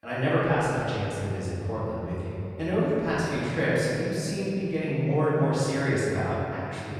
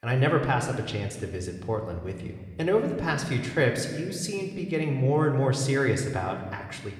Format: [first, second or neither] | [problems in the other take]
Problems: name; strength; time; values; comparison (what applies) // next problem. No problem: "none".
second | room echo; strong; dies away in 2.8 s; slight in the second // off-mic speech; far